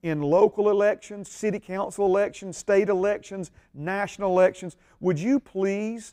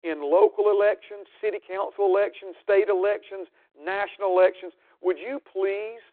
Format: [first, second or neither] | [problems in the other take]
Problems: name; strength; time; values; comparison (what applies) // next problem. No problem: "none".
first | phone-call audio; nothing above 4 kHz